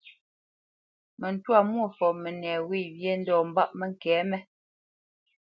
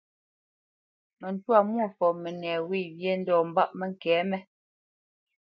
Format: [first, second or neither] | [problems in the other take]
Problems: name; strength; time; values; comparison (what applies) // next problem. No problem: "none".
first | noise reduction (neural mask model DeepFilterNet 3)